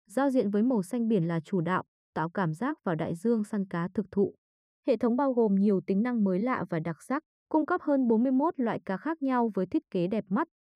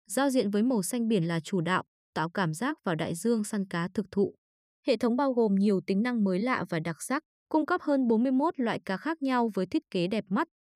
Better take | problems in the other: second | muffled; slightly; fading above 2 kHz

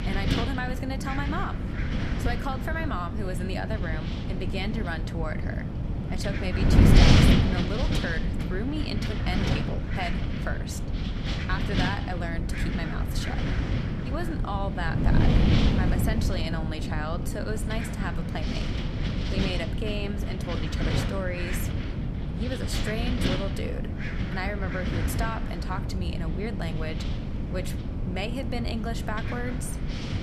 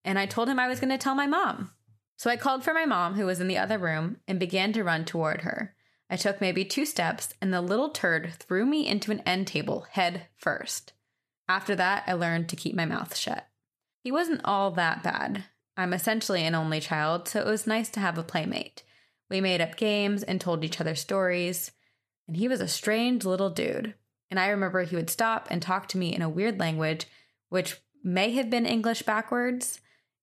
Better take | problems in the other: second | wind noise on the microphone; heavy; as loud as the speech

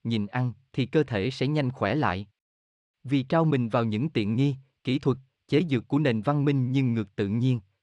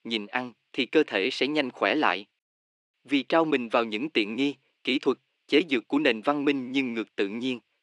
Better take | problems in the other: first | thin; very slightly; fading below 300 Hz

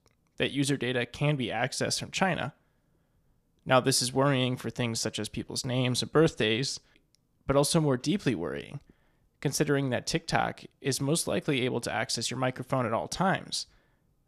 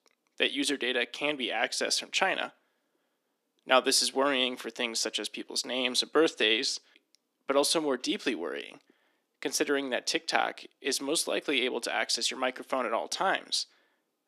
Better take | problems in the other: first | thin; somewhat; fading below 250 Hz

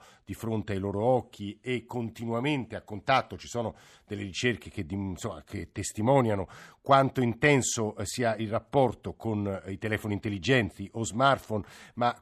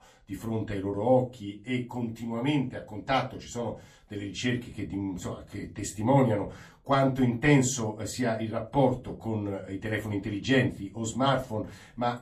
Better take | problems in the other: first | off-mic speech; far // room echo; very slight; dies away in 0.2 s

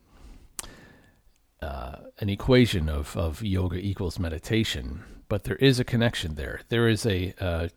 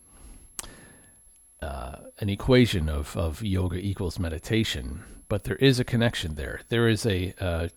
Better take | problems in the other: first | high-pitched whine; faint; throughout; 11 kHz, 25 dB below the speech

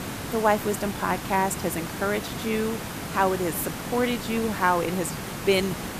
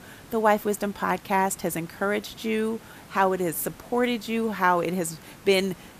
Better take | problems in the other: second | hiss; loud; throughout; 7 dB below the speech; faint in the second

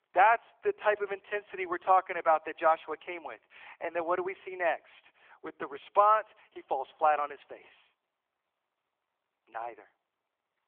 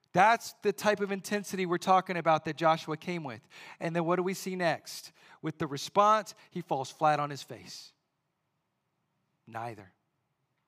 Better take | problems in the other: second | phone-call audio

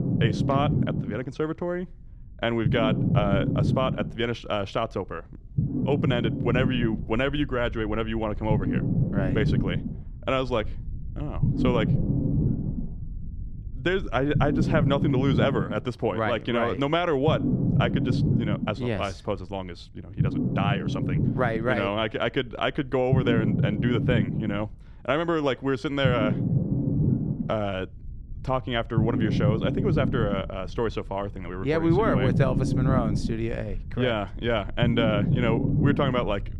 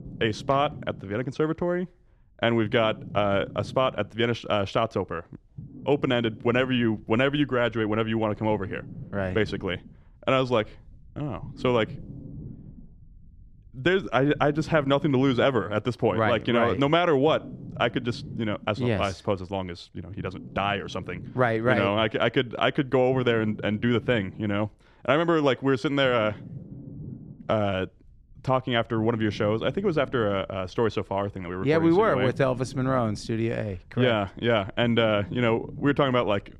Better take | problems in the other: second | low rumble; loud; throughout; 7 dB below the speech; faint in the second

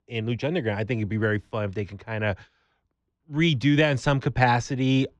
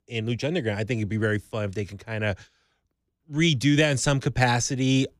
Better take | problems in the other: second | muffled; slightly; fading above 3.5 kHz

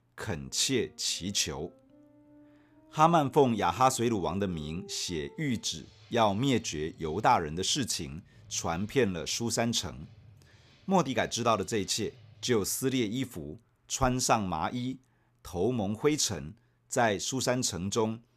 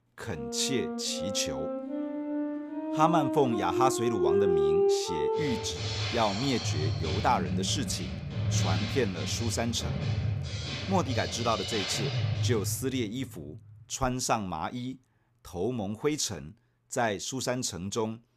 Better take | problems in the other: first | background music; loud; until 12 s; as loud as the speech; faint in the first

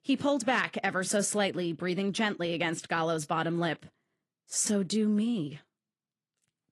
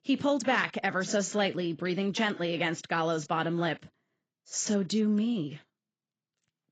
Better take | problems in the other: first | garbled, watery; badly; nothing above 7.5 kHz; slightly in the first

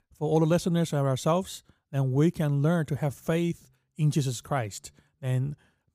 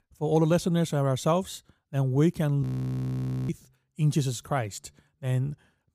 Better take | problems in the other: first | audio freezing; at 2.5 s for 1 s

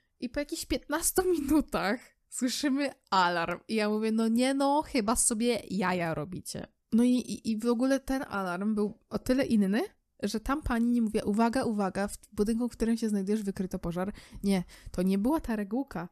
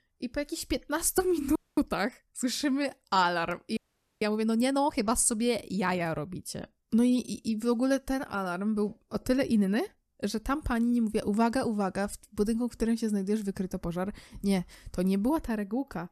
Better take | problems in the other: first | audio freezing; at 1.5 s and at 4 s

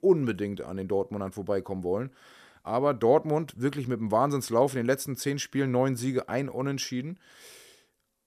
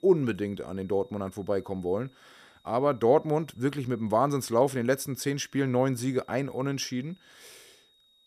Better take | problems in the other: first | high-pitched whine; faint; throughout; 4 kHz, 35 dB below the speech

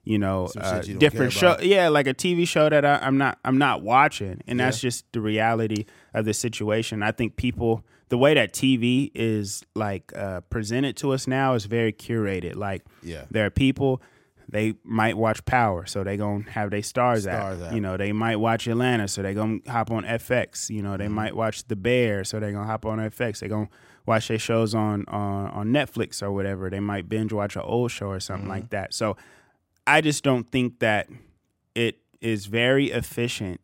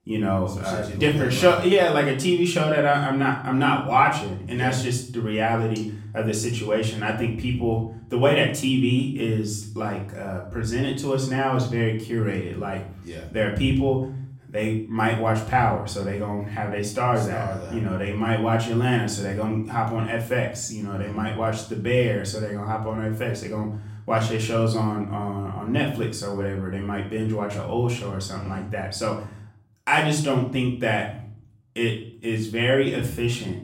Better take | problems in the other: first | off-mic speech; far // room echo; slight; dies away in 0.6 s

